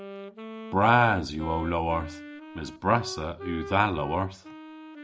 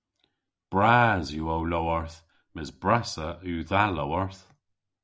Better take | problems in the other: second | background sound (Wind instrument, woodwind instrument); 14 dB below the speech

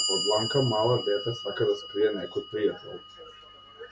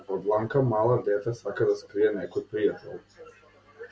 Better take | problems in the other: second | background sound (Clock); 7 dB below the speech

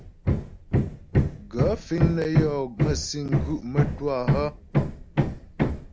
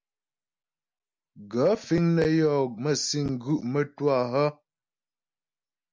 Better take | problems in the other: second | background sound (Hammer); 4 dB above the speech

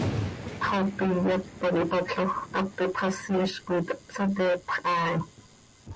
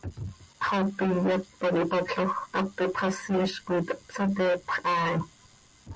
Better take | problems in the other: second | background sound (Thunder); 12 dB below the speech

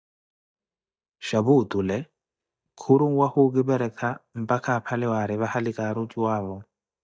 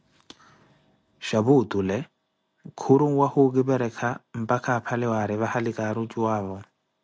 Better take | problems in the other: second | noise reduction (neural mask model DeepFilterNet 3)

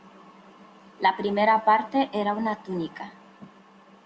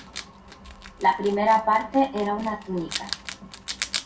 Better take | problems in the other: first | background sound (Wild animals); 11 dB below the speech // room echo; dies away in 0.2 s

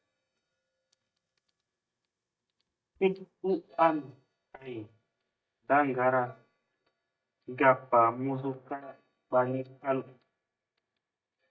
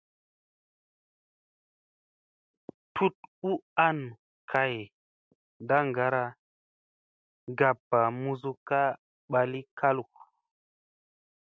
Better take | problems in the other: second | noise reduction (neural mask model DeepFilterNet 3)

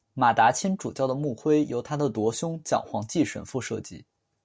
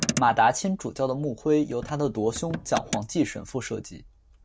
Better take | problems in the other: first | background sound (Motor vehicle (road)); 11 dB below the speech

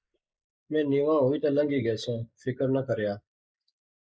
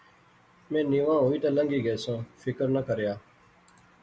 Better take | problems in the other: second | noise reduction (neural mask model Resemble Enhance denoiser)

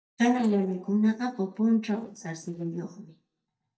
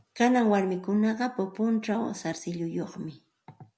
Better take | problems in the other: second | noise reduction (neural mask model DeepFilterNet 3)

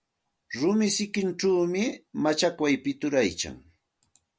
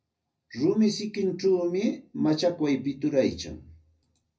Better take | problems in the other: first | room echo; dies away in 0.4 s

